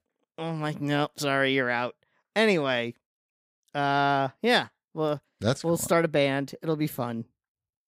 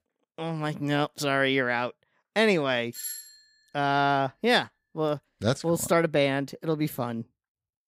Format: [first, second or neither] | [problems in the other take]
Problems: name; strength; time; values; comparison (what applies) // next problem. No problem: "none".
first | doorbell; noticeable; at 3 s; peak 8 dB below the speech